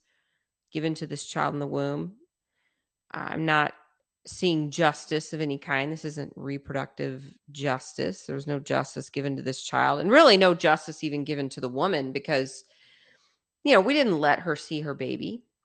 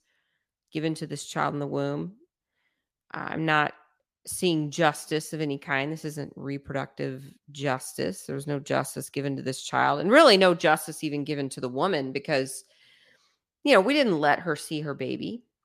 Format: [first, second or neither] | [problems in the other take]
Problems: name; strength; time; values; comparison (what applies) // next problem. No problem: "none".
second | garbled, watery; slightly; nothing above 8.5 kHz